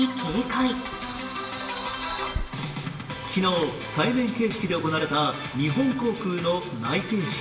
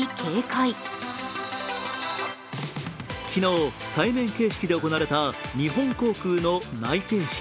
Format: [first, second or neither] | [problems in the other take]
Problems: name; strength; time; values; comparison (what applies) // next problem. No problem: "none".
second | background sound (Rain); 16 dB below the speech // room echo; dies away in 0.8 s